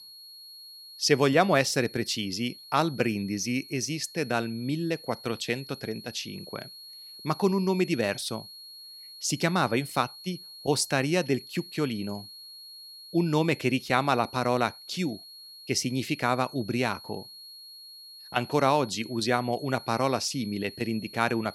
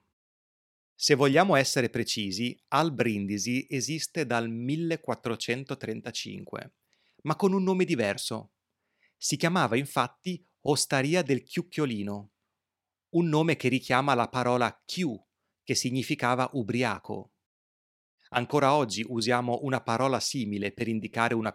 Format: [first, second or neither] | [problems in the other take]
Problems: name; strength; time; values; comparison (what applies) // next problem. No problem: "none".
second | high-pitched whine; noticeable; throughout; 4.5 kHz, 15 dB below the speech